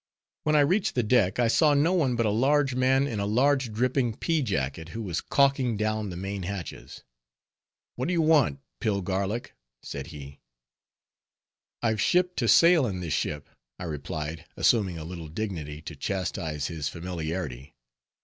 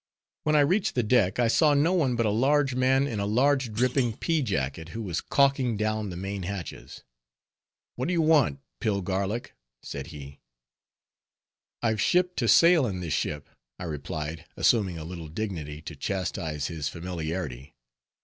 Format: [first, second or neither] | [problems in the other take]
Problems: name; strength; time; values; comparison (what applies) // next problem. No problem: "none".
first | background sound (Thump, thud); 15 dB below the speech